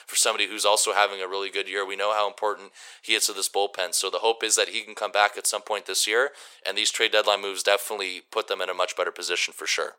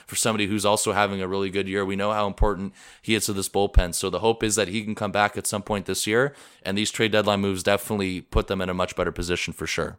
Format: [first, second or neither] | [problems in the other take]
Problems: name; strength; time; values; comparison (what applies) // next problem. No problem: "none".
second | thin; very; fading below 450 Hz